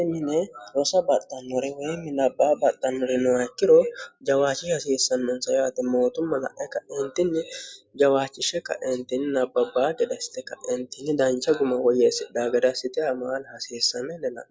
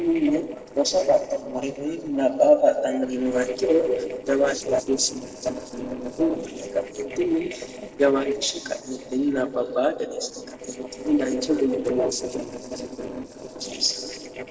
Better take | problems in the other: first | noise reduction (neural separator model SepFormer DNS4)

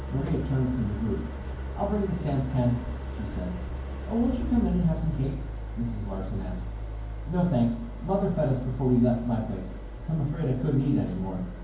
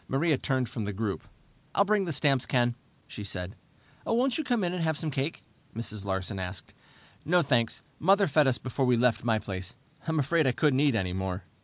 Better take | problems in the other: second | background sound (Idling); 6 dB below the speech // room echo; dies away in 0.9 s

